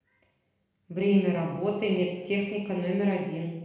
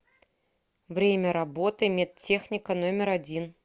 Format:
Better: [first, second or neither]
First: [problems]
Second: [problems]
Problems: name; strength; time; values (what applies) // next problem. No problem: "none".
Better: second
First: room echo; dies away in 0.9 s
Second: none